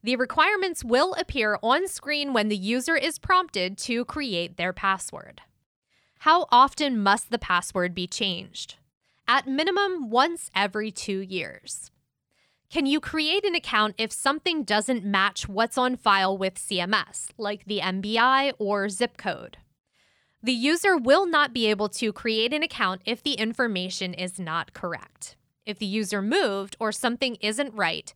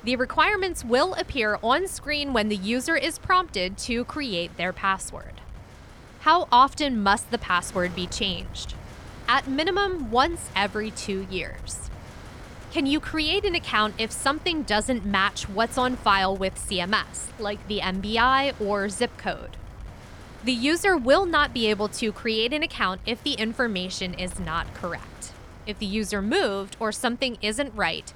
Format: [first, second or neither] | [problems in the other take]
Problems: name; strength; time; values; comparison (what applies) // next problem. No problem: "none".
first | wind noise on the microphone; occasional gusts; 25 dB below the speech